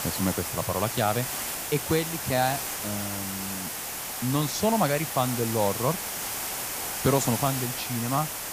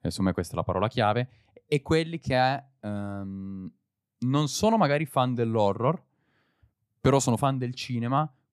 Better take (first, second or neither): second